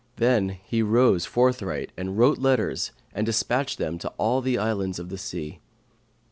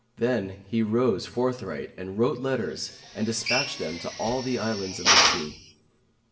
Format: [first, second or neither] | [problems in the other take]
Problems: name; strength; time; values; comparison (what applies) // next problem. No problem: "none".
first | background sound (Drill); 1 dB above the speech // room echo; dies away in 0.7 s